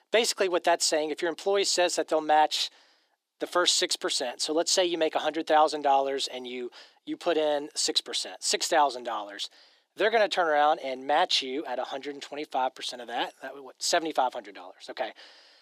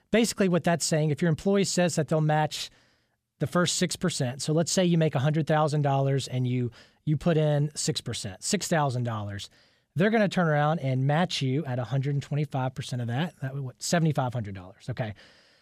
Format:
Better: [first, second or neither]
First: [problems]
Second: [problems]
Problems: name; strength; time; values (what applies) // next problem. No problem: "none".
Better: second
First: thin; very; fading below 300 Hz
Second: none